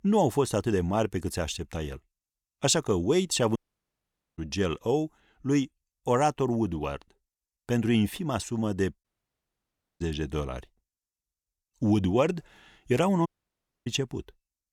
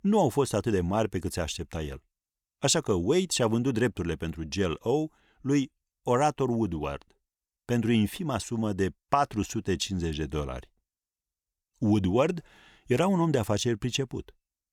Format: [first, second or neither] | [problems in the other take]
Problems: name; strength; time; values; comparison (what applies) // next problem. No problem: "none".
second | audio cutting out; at 3.5 s for 1 s, at 9 s for 1 s and at 13 s for 0.5 s